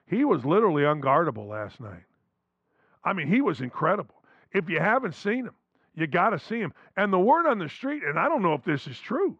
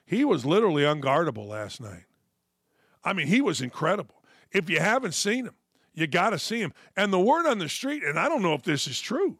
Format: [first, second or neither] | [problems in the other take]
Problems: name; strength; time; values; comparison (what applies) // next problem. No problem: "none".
second | muffled; very; fading above 1.5 kHz